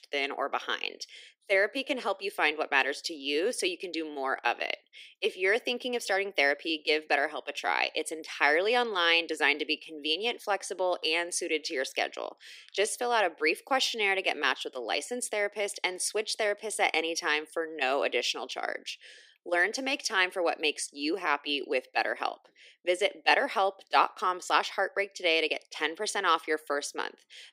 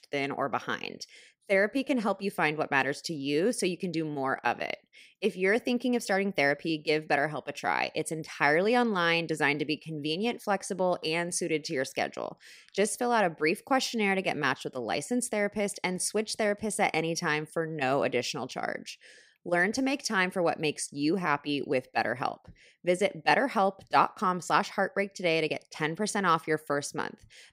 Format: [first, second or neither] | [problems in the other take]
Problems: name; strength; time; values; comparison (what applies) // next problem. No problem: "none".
second | thin; somewhat; fading below 300 Hz